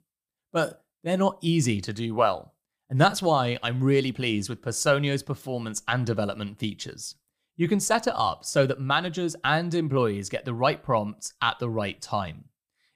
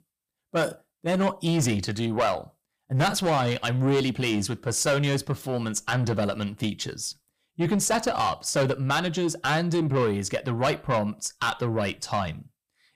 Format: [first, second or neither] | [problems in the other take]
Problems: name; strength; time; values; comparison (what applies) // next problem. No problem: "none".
first | distortion; heavy; 8 dB below the speech